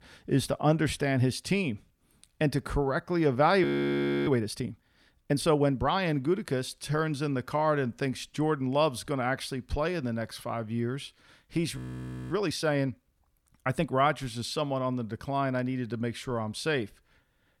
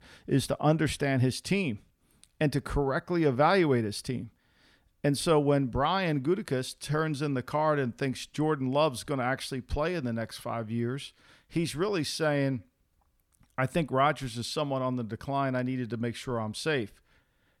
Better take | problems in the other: second | audio freezing; at 3.5 s for 0.5 s and at 12 s for 0.5 s

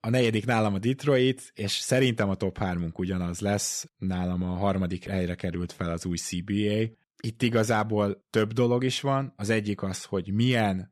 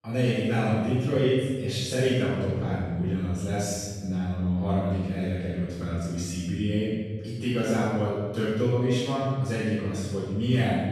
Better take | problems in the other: first | room echo; strong; dies away in 1.9 s // off-mic speech; far

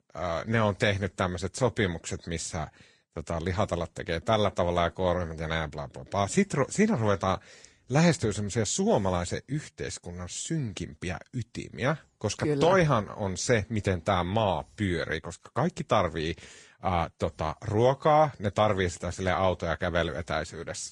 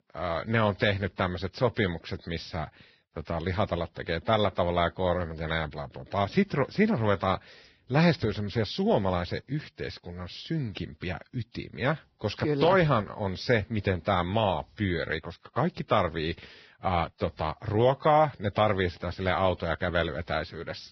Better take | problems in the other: first | garbled, watery; badly; nothing above 5.5 kHz; slightly in the first

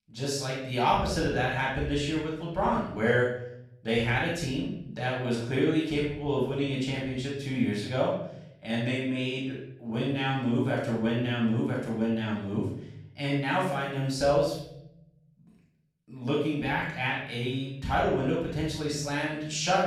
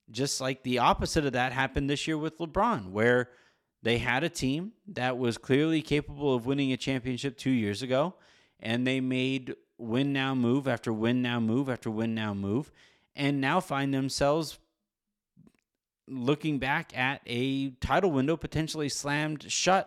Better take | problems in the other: second | off-mic speech; far // room echo; noticeable; dies away in 0.7 s

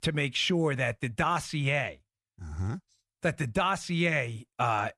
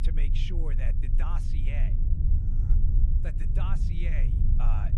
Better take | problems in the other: first | low rumble; loud; throughout; 3 dB below the speech

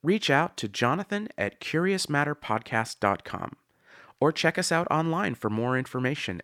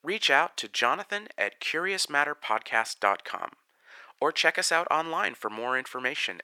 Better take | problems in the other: first | thin; very; fading below 600 Hz

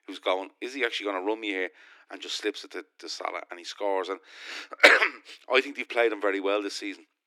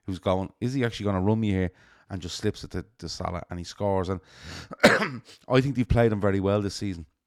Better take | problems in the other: second | thin; very; fading below 300 Hz

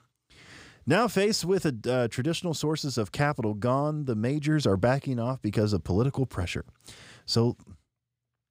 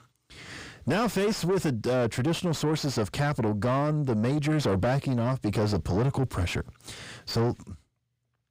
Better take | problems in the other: first | distortion; heavy; 7 dB below the speech

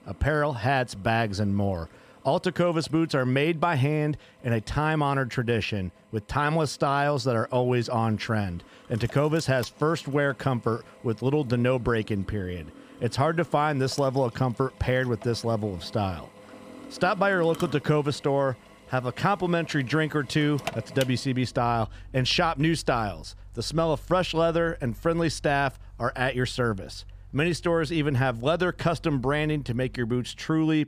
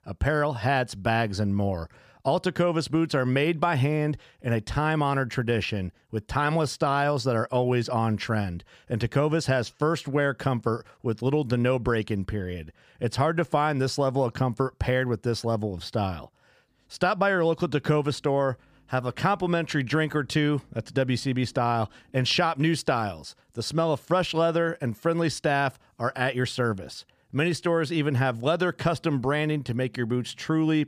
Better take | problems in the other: second | machinery noise; faint; throughout; 20 dB below the speech

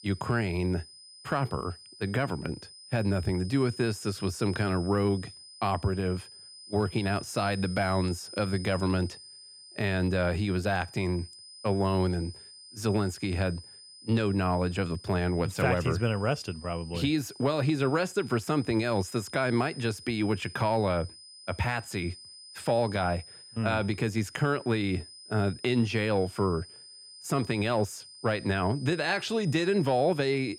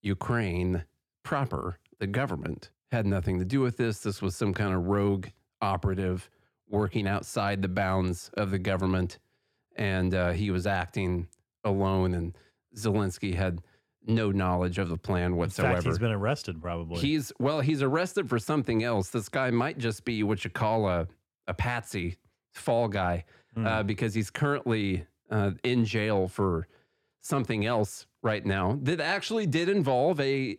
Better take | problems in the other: second | high-pitched whine; noticeable; throughout; 5 kHz, 15 dB below the speech

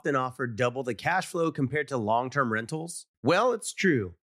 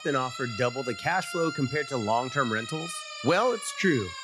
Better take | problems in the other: first | siren; noticeable; peak 7 dB below the speech

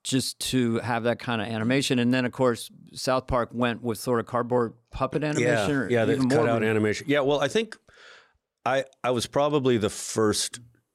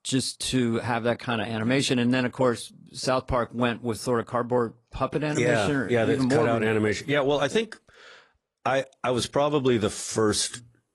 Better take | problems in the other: first | garbled, watery; slightly; nothing above 11 kHz

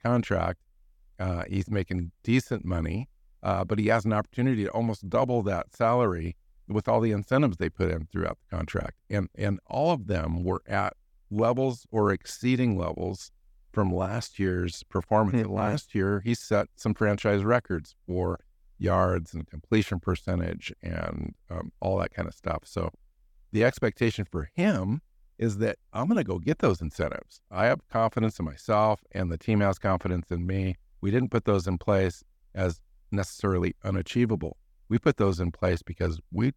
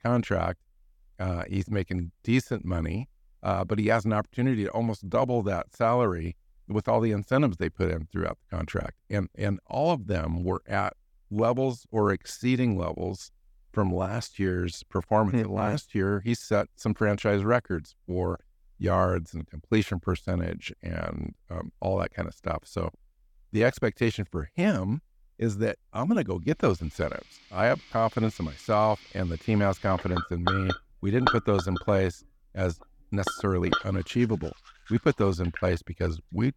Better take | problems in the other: first | household noises; loud; from 27 s on; 4 dB below the speech

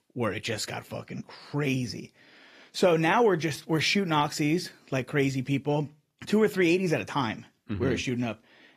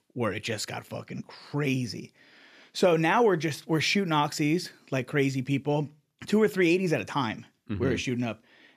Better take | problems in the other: second | garbled, watery; slightly; nothing above 14.5 kHz

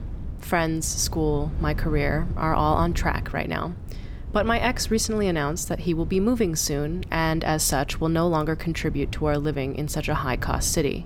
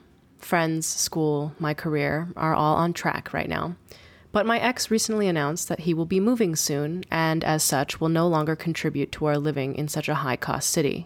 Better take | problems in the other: second | wind noise on the microphone; occasional gusts; 20 dB below the speech

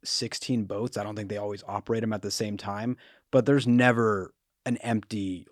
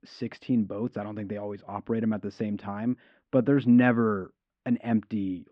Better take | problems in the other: first | muffled; very; fading above 2.5 kHz

